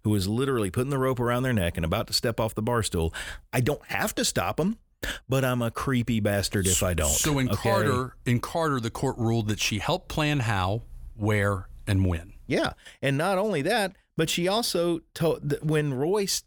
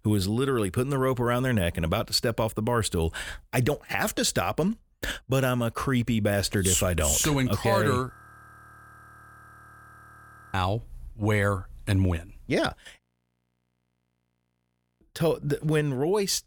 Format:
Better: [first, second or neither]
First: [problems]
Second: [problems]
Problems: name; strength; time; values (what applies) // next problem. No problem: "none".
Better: first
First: none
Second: audio freezing; at 8 s for 2.5 s and at 13 s for 2 s